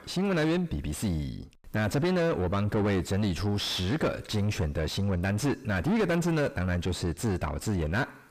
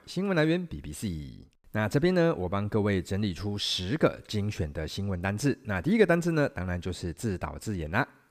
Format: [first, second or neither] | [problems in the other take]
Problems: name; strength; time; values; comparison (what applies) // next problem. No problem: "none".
second | distortion; heavy; 6 dB below the speech